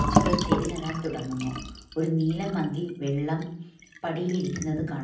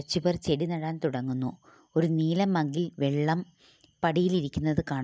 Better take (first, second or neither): second